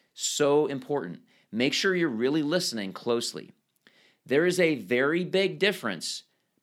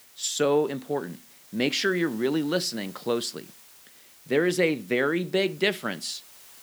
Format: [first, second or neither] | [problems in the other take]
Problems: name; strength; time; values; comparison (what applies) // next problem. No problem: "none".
first | hiss; faint; throughout; 20 dB below the speech